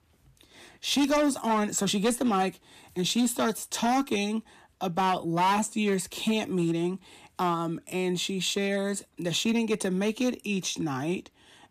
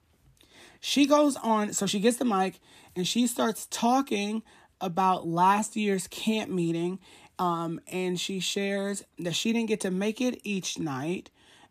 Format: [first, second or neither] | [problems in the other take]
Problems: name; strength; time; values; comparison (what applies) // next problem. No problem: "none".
second | distortion; slight; 5% of the sound clipped